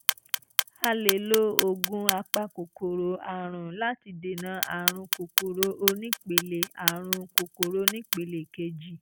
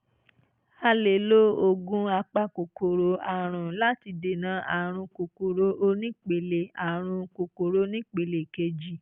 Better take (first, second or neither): second